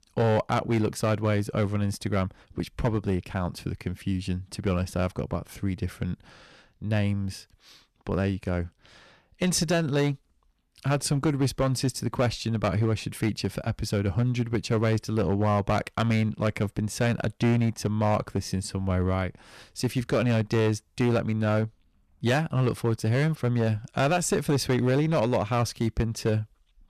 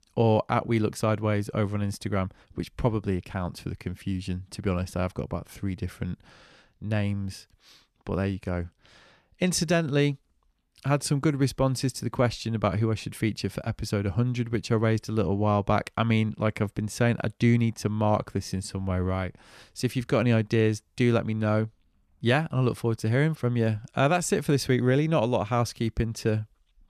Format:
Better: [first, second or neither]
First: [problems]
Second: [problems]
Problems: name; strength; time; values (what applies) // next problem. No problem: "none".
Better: second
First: distortion; slight; 7% of the sound clipped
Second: none